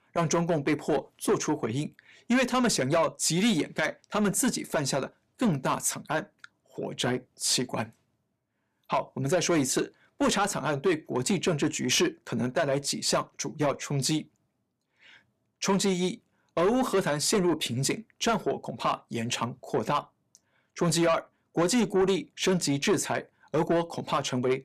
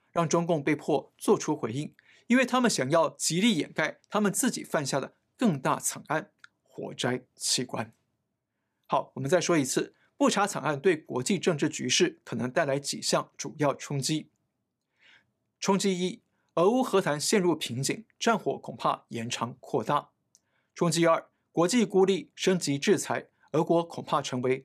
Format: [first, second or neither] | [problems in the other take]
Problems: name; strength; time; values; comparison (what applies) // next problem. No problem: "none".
second | distortion; slight; 10 dB below the speech